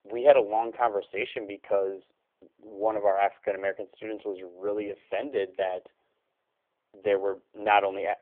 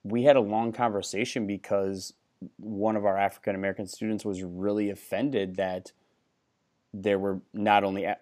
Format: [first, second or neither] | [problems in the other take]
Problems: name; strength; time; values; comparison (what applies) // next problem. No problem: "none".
second | phone-call audio; poor line